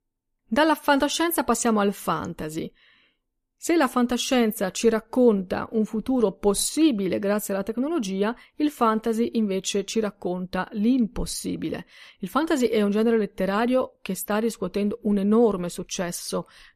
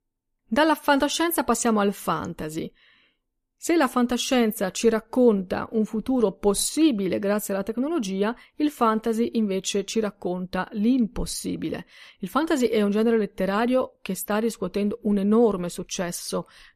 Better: neither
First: none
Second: none

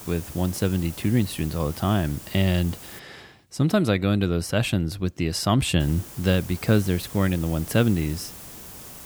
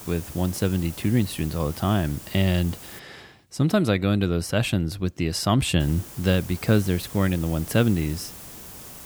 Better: neither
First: hiss; noticeable; until 3 s and from 6 s on; 15 dB below the speech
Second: hiss; noticeable; until 3 s and from 6 s on; 15 dB below the speech

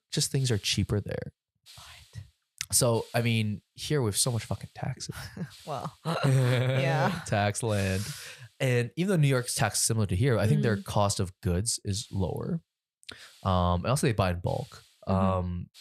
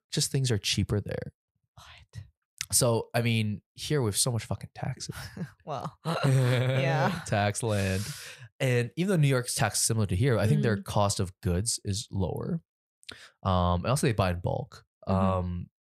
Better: second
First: hiss; faint; throughout; 25 dB below the speech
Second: none

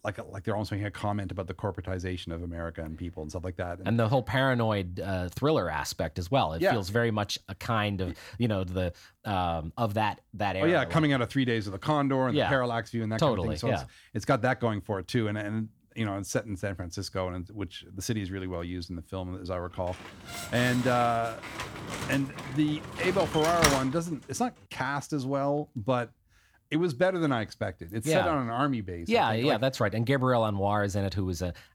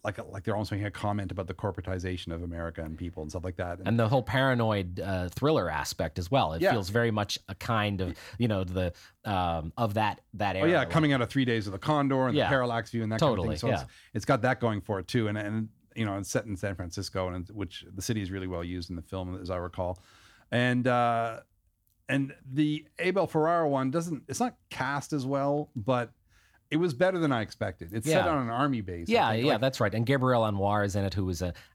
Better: second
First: door banging; loud; from 20 to 24 s; peak 4 dB above the speech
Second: none

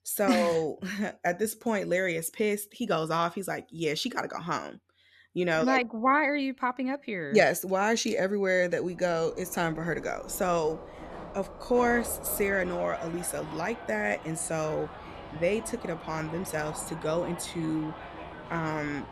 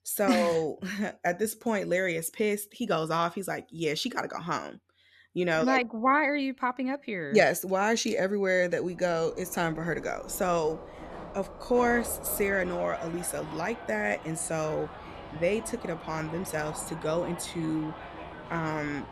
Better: neither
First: train or aircraft noise; noticeable; from 9 s on; 15 dB below the speech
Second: train or aircraft noise; noticeable; from 9 s on; 15 dB below the speech

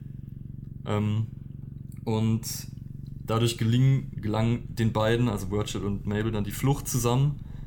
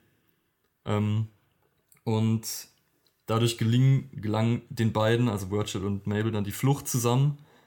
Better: second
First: low rumble; faint; throughout; 20 dB below the speech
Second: none

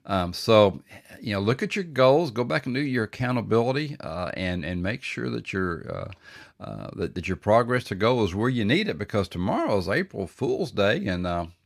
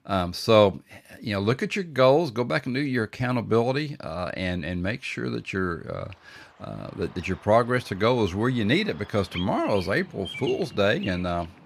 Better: first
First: none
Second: animal sounds; noticeable; throughout; 15 dB below the speech

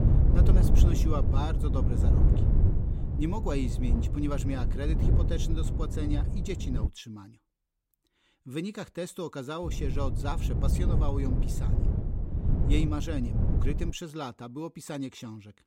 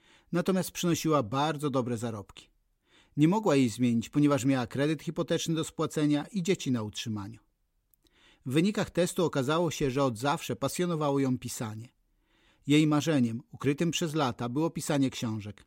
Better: second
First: wind noise on the microphone; heavy; until 7 s and from 9.5 to 14 s; 3 dB below the speech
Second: none

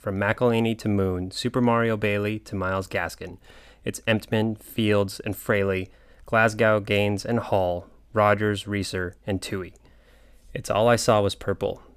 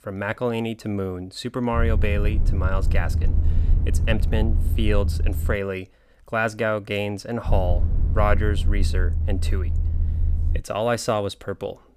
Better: first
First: none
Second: low rumble; noticeable; from 2 to 5.5 s and from 7.5 to 11 s; 15 dB below the speech

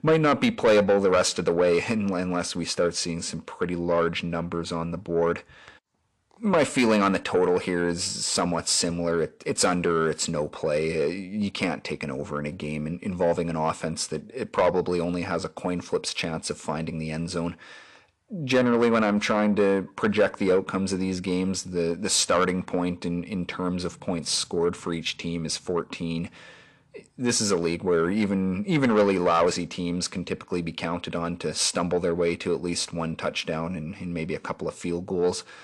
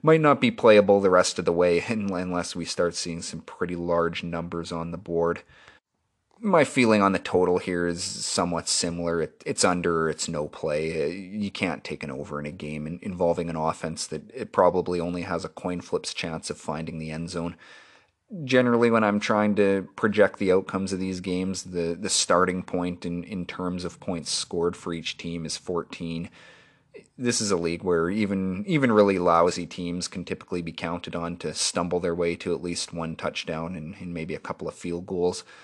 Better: second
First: distortion; slight; 10 dB below the speech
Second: none

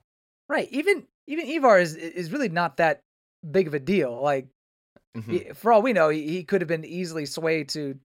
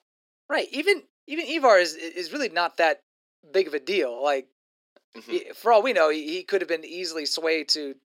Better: first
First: none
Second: thin; somewhat; fading below 300 Hz

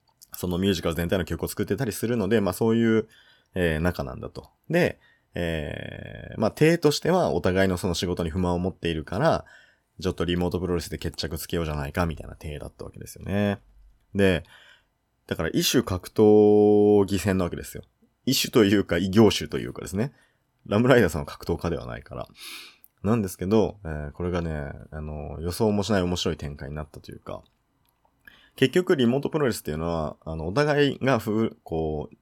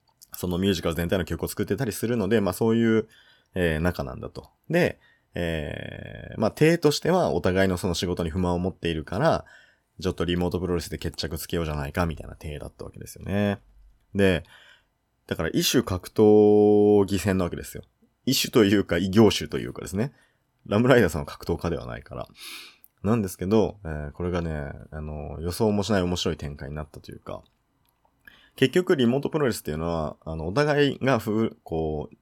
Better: neither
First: none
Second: none

